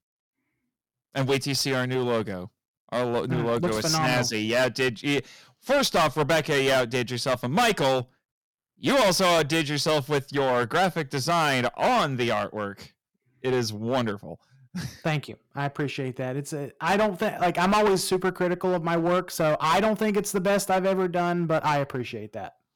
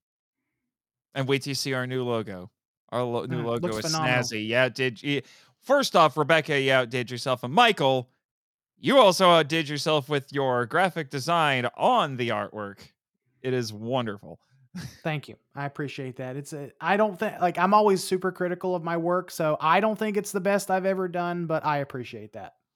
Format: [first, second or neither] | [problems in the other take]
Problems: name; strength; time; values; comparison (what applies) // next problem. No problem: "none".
second | distortion; heavy; 11% of the sound clipped